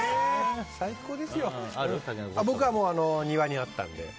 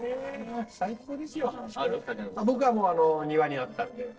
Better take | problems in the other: first | noise reduction (neural separator model SepFormer DNS4)

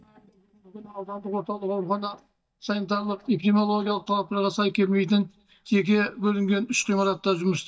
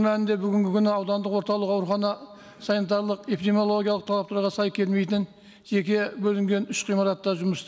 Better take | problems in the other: second | noise reduction (neural mask model DeepFilterNet 3)

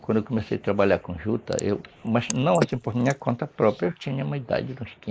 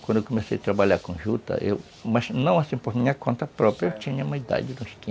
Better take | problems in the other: second | noise reduction (neural mask model Resemble Enhance denoiser)

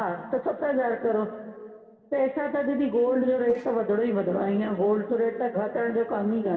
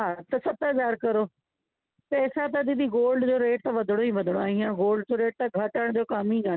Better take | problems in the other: second | noise reduction (neural separator model SepFormer DNS4)

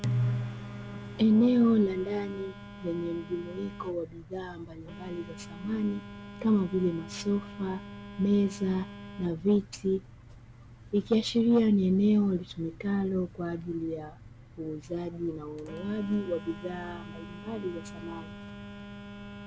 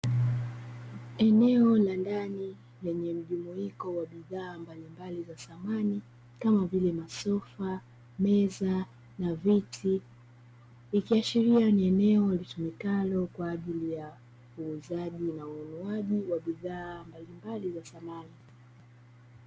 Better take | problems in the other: second | background sound (Telephone); 16 dB below the speech

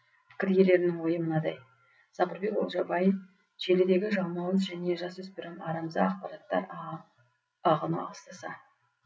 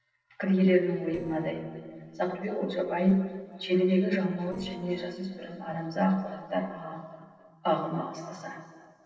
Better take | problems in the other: first | noise reduction (neural separator model SepFormer DNS4)

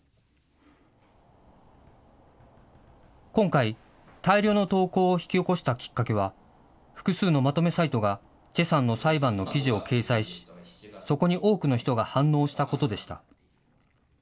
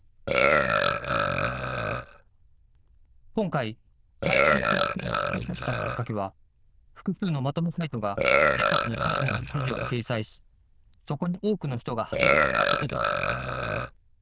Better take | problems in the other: first | noise reduction (neural diffusion model UNIVERSE++)

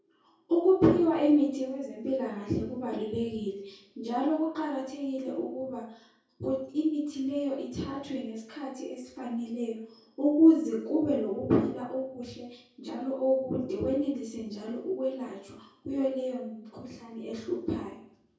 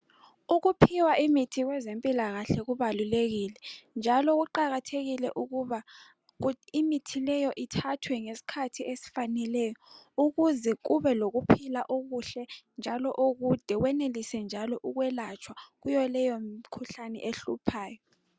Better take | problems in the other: second | room echo; dies away in 0.6 s

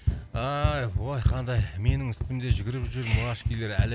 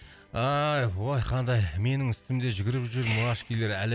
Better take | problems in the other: second | background sound (Run); 1 dB above the speech

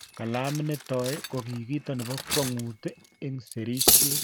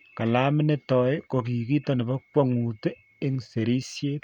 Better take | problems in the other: second | background sound (Cutlery, silverware); 2 dB above the speech

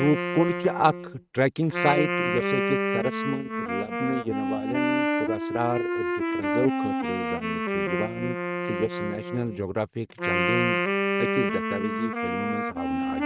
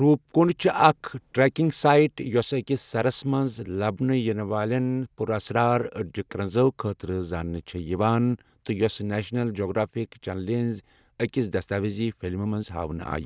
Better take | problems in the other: second | noise reduction (neural mask model RNNoise)

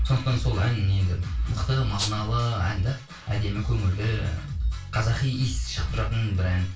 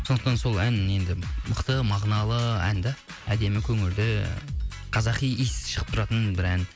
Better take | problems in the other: second | background sound (Rattle (instrument)); 7 dB below the speech // room echo; dies away in 0.2 s

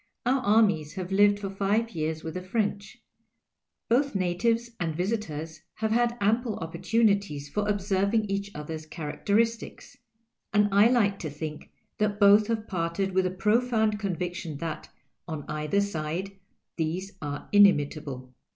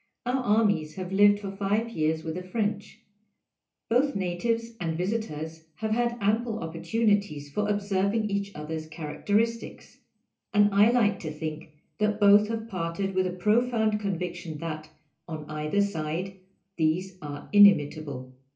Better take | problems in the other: first | room echo; dies away in 0.3 s

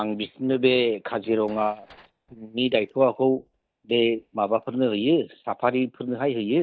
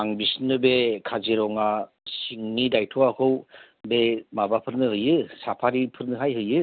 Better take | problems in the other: second | noise reduction (neural mask model DeepFilterNet 3)

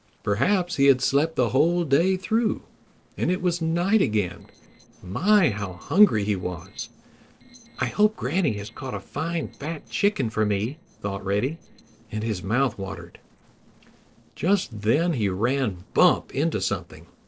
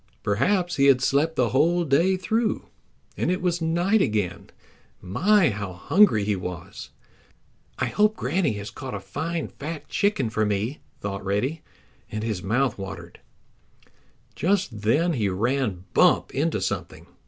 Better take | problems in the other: second | noise reduction (neural separator model SepFormer DNS4)

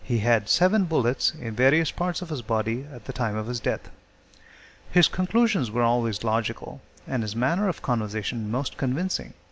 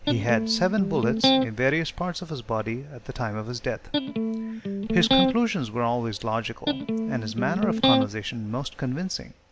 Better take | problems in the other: first | background sound (Electric guitar); 2 dB above the speech

